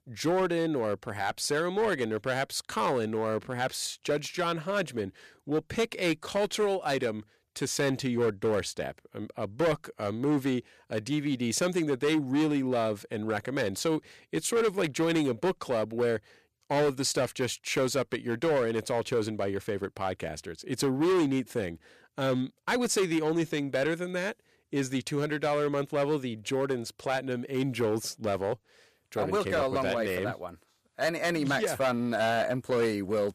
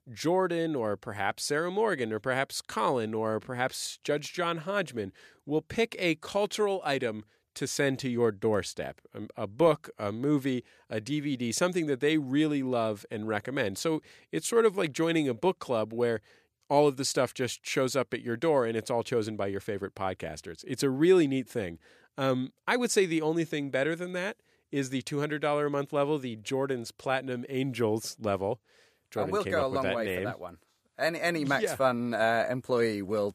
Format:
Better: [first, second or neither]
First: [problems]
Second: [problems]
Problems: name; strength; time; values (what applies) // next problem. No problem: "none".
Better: second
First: distortion; slight; 7% of the sound clipped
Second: none